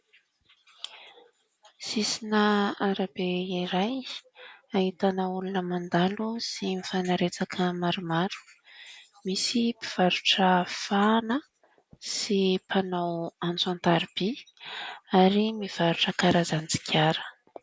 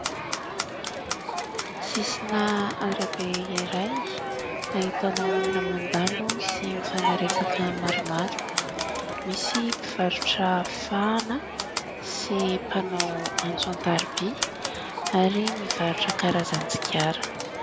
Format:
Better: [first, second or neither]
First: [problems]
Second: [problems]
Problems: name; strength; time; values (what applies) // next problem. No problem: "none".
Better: first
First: none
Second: background sound (Crowd + Typewriter); 1 dB below the speech